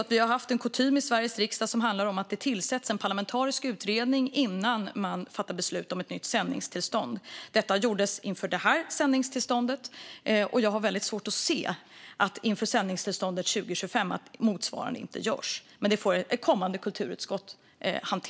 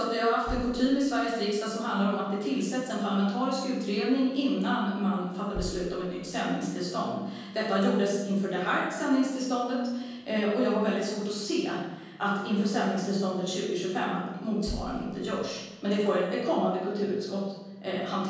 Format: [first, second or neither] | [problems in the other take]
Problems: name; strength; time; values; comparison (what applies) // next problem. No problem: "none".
first | background sound (Knock); 17 dB below the speech // room echo; dies away in 1.3 s